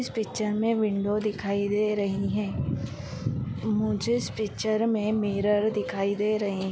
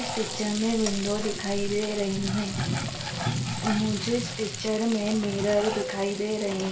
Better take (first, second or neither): first